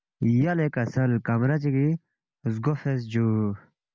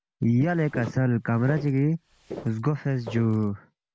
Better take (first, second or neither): first